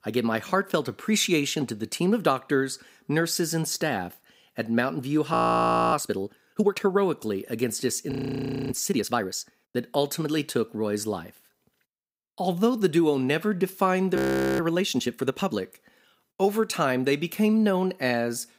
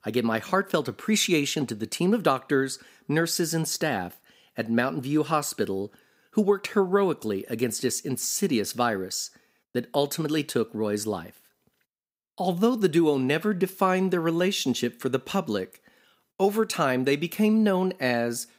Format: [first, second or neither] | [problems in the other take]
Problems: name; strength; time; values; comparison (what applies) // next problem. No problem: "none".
second | audio freezing; at 5.5 s for 0.5 s, at 8 s for 0.5 s and at 14 s